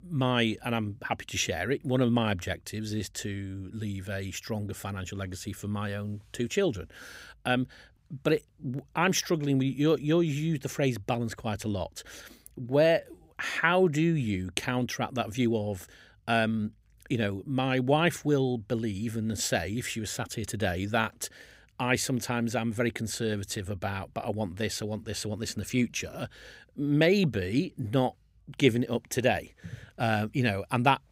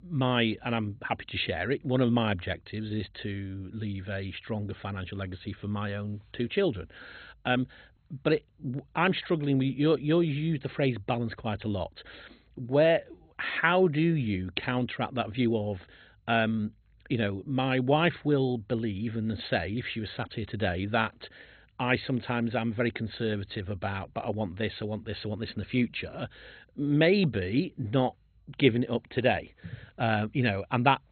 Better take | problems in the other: first | garbled, watery; badly; nothing above 4 kHz

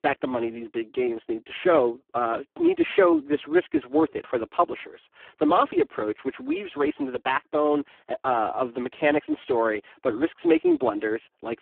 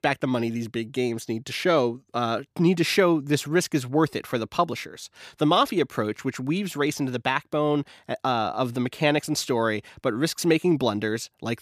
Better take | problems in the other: second | phone-call audio; poor line

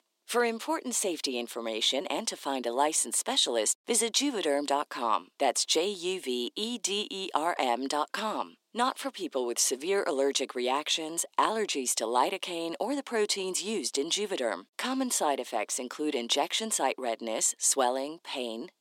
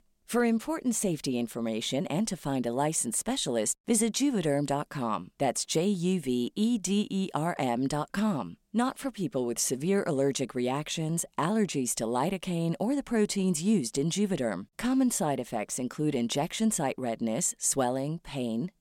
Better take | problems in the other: second | thin; somewhat; fading below 300 Hz

